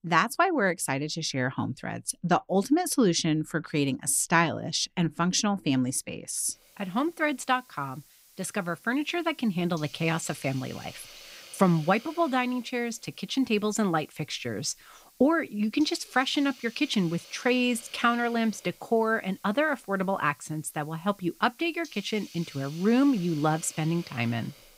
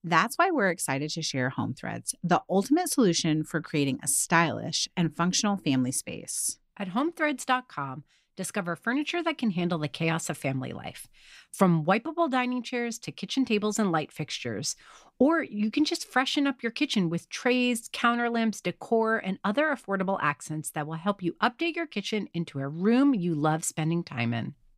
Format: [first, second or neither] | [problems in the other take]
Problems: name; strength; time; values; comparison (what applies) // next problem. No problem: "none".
second | hiss; faint; from 6.5 s on; 20 dB below the speech